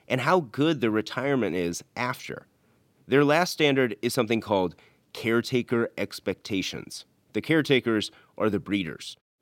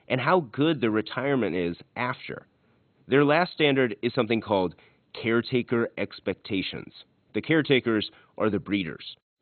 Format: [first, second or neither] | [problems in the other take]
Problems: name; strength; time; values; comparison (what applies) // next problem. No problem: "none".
first | garbled, watery; badly; nothing above 4 kHz